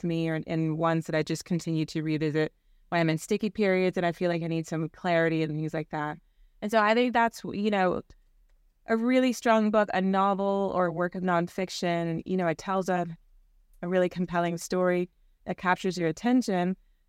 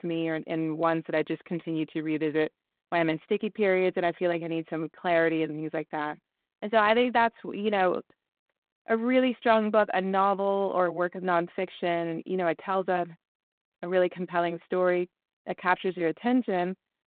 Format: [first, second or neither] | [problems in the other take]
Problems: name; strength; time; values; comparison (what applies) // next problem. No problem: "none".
first | phone-call audio; nothing above 4 kHz